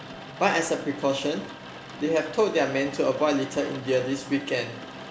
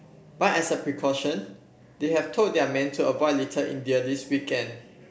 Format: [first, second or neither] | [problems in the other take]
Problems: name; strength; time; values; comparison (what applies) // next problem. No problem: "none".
second | background sound (Rain); 14 dB below the speech